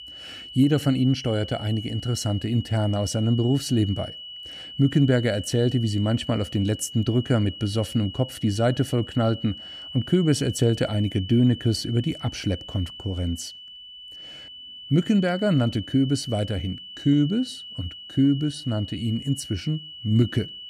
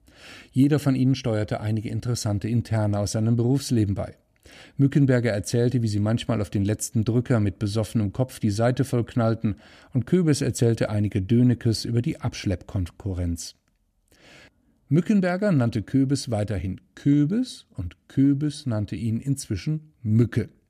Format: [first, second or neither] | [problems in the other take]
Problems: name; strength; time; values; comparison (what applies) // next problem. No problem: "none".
second | high-pitched whine; noticeable; throughout; 3 kHz, 15 dB below the speech